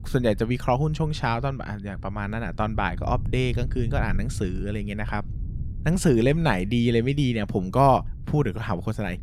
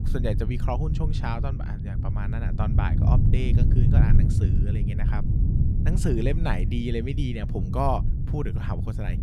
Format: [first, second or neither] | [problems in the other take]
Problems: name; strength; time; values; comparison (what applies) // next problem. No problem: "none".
first | low rumble; loud; throughout; 5 dB below the speech; faint in the first